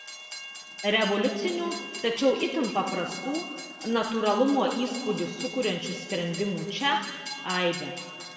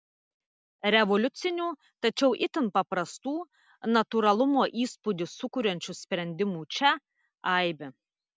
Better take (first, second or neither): second